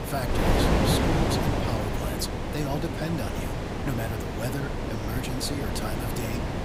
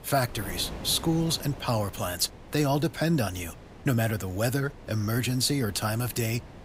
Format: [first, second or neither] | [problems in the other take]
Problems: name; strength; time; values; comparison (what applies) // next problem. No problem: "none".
second | wind noise on the microphone; heavy; 4 dB above the speech; occasional gusts in the second